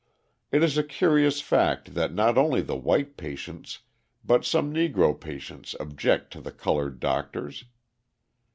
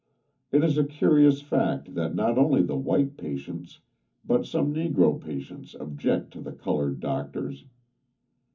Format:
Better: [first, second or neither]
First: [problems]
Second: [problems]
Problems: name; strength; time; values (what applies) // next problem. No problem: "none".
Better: first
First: none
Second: room echo; dies away in 0.3 s